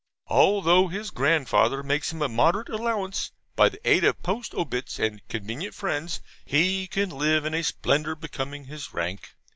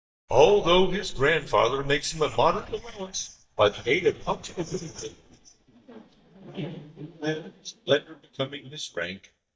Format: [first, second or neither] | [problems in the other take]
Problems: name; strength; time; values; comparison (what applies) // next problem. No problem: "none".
first | noise reduction (neural mask model DeepFilterNet 3)